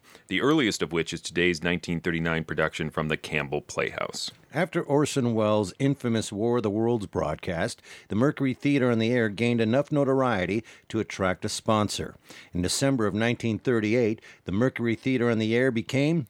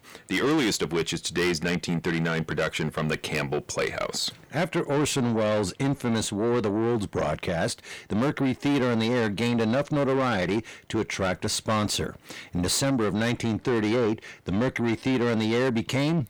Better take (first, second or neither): first